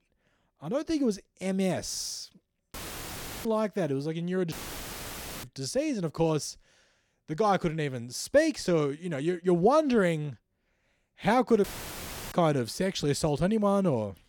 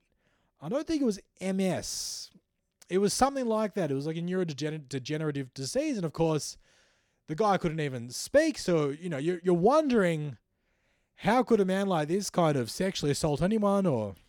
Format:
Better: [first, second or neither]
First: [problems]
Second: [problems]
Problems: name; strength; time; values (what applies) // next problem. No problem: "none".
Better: second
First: audio cutting out; filled with static; at 2.5 s for 0.5 s, at 4.5 s for 1 s and at 12 s for 0.5 s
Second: none